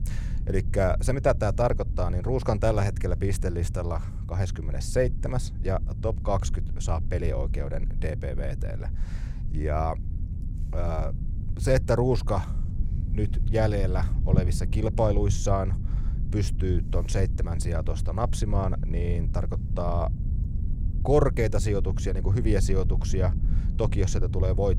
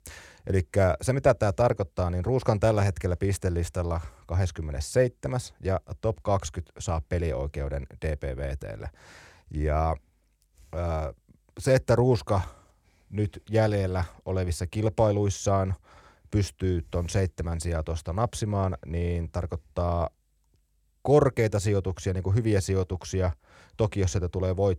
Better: second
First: low rumble; noticeable; throughout; 15 dB below the speech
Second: none

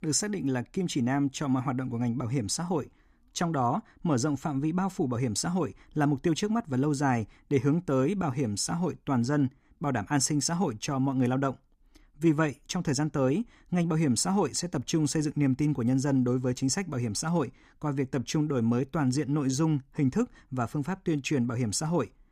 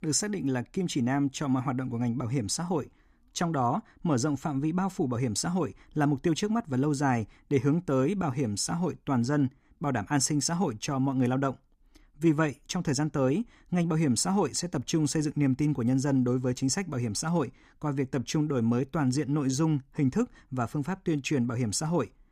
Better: neither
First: none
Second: none

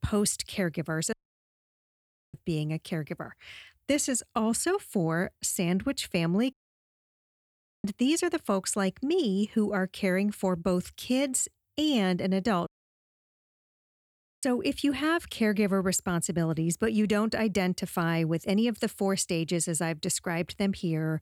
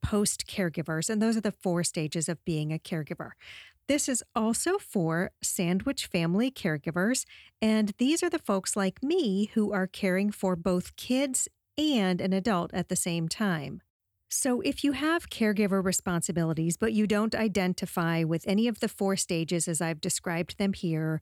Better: second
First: audio cutting out; at 1 s for 1 s, at 6.5 s for 1.5 s and at 13 s for 2 s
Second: none

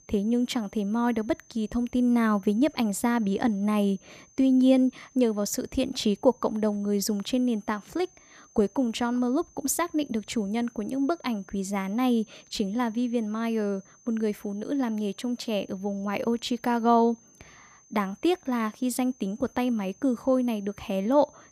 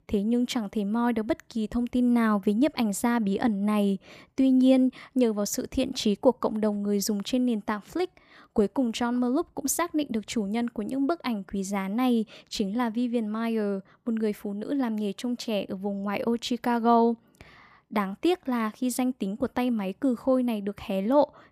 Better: second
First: high-pitched whine; faint; throughout; 6.5 kHz, 30 dB below the speech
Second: none

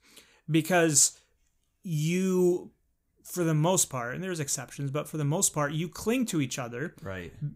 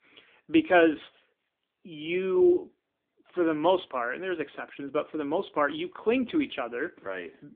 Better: first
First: none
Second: phone-call audio; nothing above 3.5 kHz

